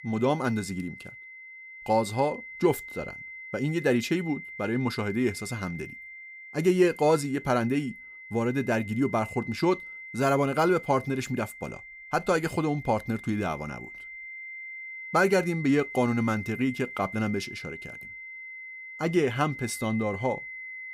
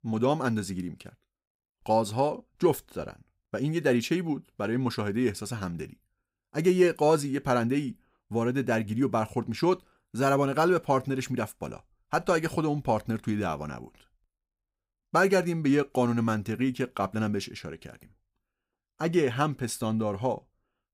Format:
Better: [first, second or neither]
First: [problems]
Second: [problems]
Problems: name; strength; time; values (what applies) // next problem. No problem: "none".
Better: second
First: high-pitched whine; noticeable; throughout; 2 kHz, 15 dB below the speech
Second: none